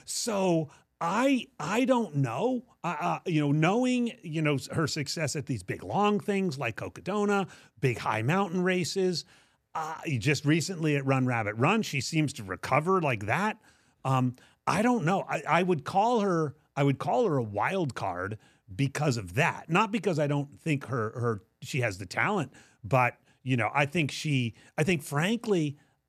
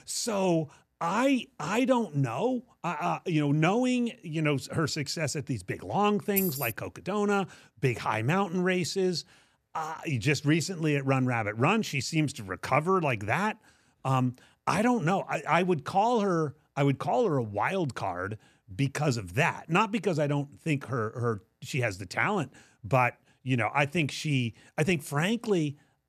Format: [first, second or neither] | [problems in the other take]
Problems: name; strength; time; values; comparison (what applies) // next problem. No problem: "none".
first | jangling keys; noticeable; at 6.5 s; peak 2 dB below the speech